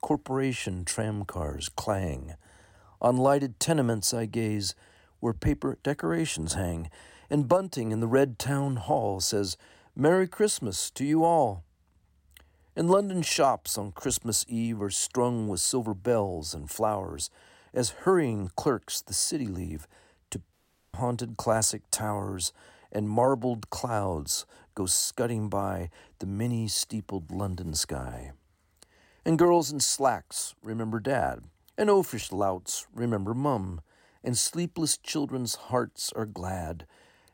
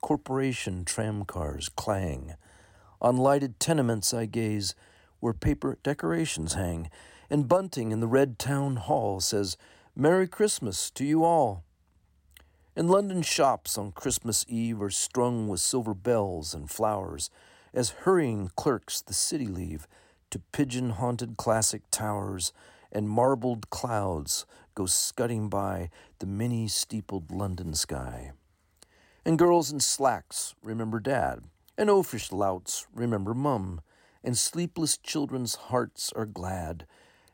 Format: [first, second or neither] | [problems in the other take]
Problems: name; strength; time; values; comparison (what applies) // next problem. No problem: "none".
second | audio cutting out; at 21 s